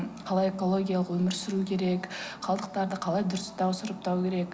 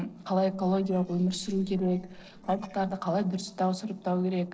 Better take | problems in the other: first | noise reduction (neural separator model SepFormer DNS4)

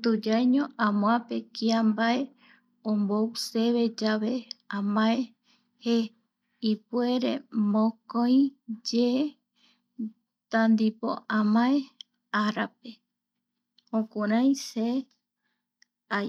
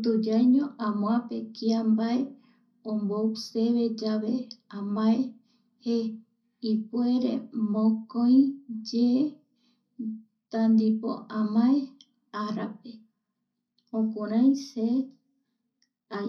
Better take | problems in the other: first | room echo; dies away in 0.4 s

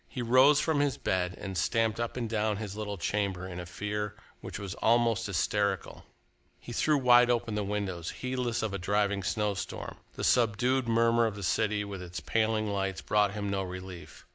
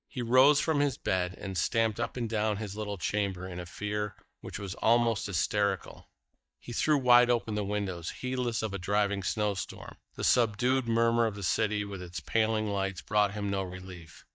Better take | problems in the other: first | noise reduction (neural mask model DeepFilterNet 3)

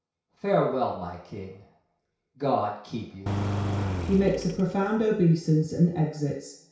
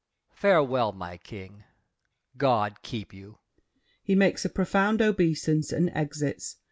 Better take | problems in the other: second | background sound (Engine); 4 dB below the speech // room echo; dies away in 0.6 s

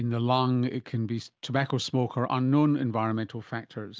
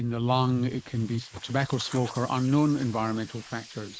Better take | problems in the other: first | noise reduction (neural mask model Resemble Enhance denoiser)

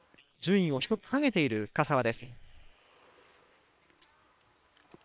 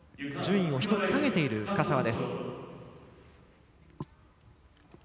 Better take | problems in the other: second | noise reduction (neural separator model SepFormer WHAM!)

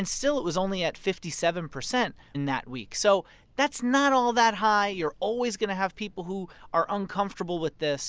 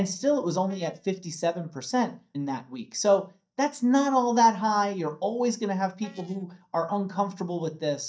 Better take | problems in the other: first | noise reduction (neural mask model DeepFilterNet 3)

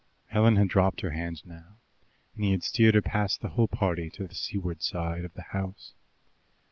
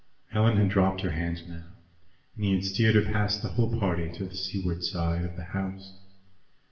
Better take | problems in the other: first | room echo; dies away in 0.7 s

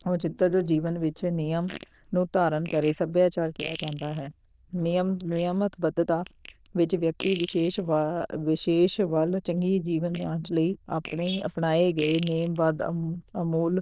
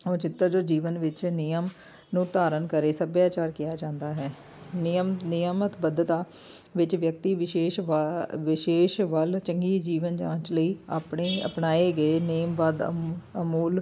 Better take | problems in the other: second | noise reduction (neural diffusion model UNIVERSE++)

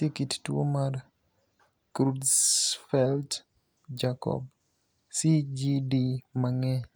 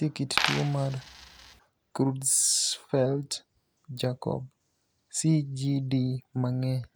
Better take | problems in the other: first | background sound (Coin (dropping)); 3 dB below the speech

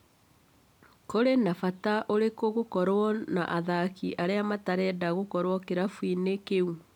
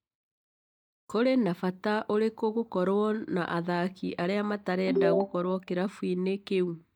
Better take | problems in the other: first | noise reduction (neural mask model DeepFilterNet 3)

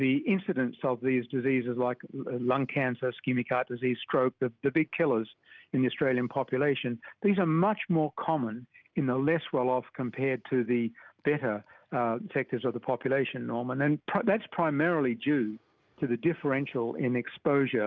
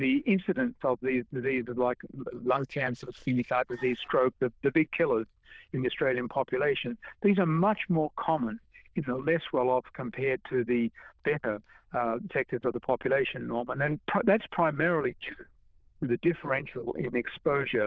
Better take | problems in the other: first | noise reduction (neural diffusion model UNIVERSE++)

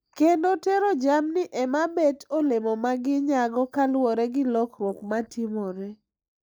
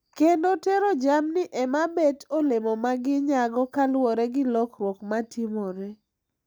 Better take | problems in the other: second | noise reduction (neural mask model Resemble Enhance denoiser)

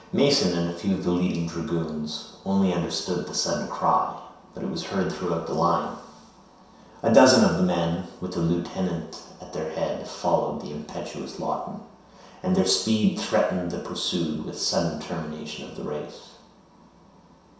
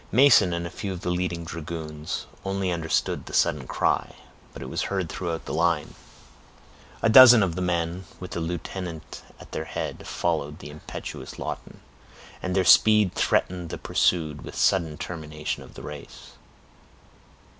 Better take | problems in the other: second | room echo; dies away in 0.7 s

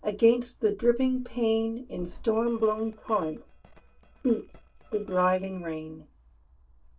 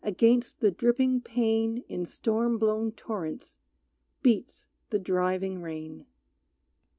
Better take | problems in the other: second | noise reduction (neural separator model SepFormer DNS4)

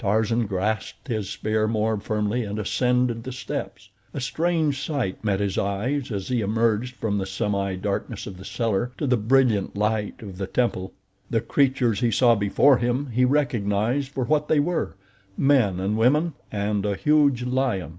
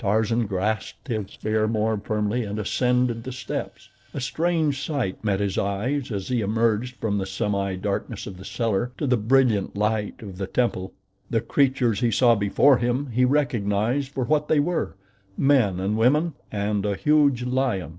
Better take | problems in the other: first | noise reduction (neural separator model SepFormer DNS4)

